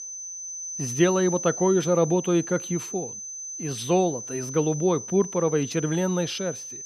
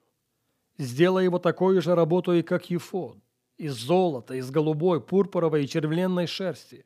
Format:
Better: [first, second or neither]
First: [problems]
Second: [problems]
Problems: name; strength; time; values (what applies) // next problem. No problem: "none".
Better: second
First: high-pitched whine; loud; throughout; 6 kHz, 8 dB below the speech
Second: none